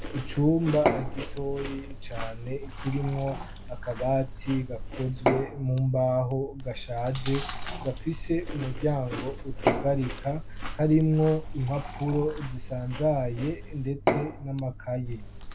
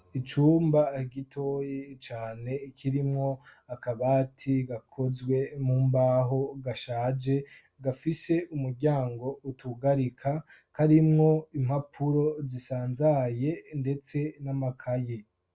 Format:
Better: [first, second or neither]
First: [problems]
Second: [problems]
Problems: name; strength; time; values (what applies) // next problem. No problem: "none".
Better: second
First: background sound (Chewing, mastication + Fill (with liquid) / Glass / Water); 5 dB below the speech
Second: none